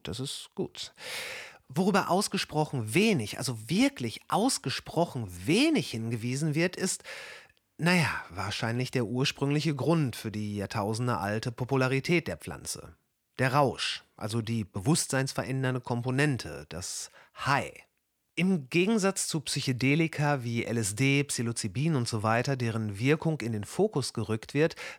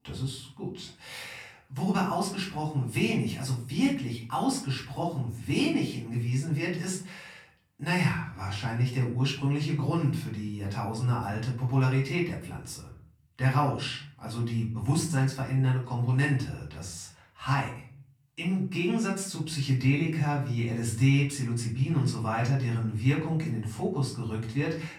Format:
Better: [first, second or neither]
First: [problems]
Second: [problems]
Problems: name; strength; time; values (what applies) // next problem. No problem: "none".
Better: first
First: none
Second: off-mic speech; far // room echo; slight; dies away in 0.5 s